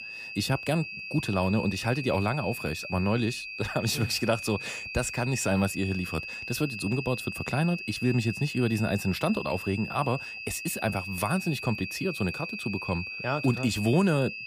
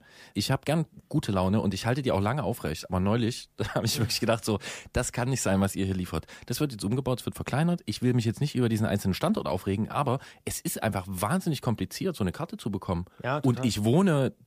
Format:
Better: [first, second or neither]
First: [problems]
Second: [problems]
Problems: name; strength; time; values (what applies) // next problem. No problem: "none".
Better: second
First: high-pitched whine; loud; throughout; 2.5 kHz, 7 dB below the speech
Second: none